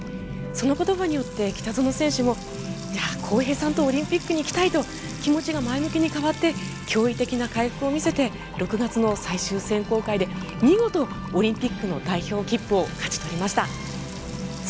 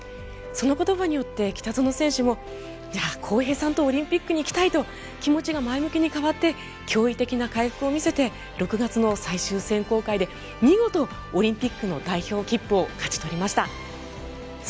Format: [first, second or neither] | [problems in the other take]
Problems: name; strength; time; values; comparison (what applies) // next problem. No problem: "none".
second | background sound (Trickle, dribble / Water tap, faucet / Music); 10 dB below the speech